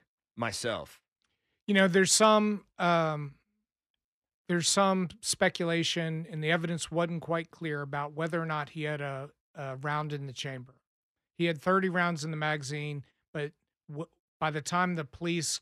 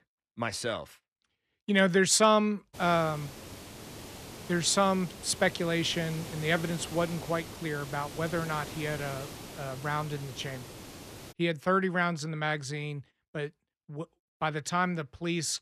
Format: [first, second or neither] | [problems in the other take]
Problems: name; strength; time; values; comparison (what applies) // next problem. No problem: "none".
first | hiss; noticeable; from 2.5 to 11 s; 15 dB below the speech